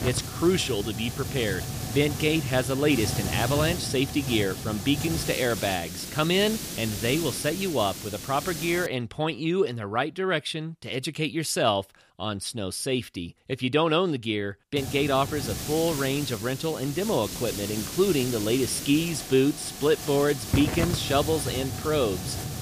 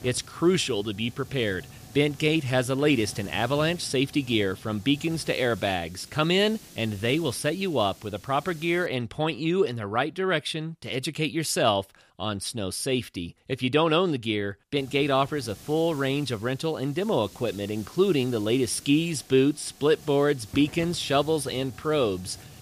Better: second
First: hiss; loud; until 9 s and from 15 s on; 6 dB below the speech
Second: hiss; faint; until 9 s and from 15 s on; 20 dB below the speech

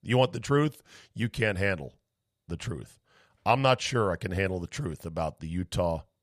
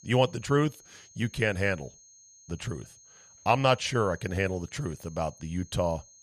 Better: first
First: none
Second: high-pitched whine; faint; throughout; 6.5 kHz, 25 dB below the speech

